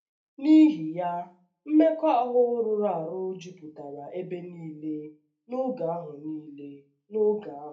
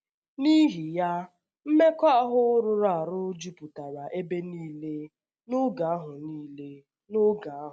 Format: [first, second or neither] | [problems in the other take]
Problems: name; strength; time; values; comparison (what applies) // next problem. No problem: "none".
second | room echo; dies away in 0.3 s